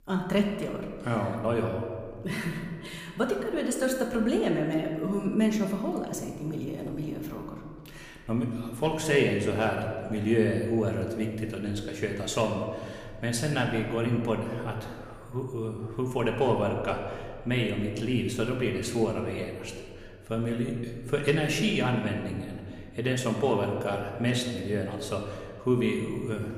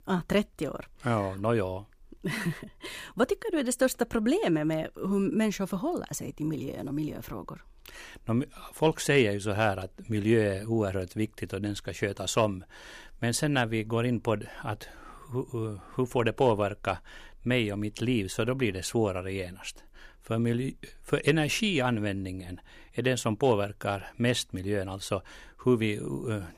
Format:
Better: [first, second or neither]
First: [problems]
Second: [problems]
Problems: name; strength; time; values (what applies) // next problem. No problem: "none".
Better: second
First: room echo; slight; dies away in 1.6 s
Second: none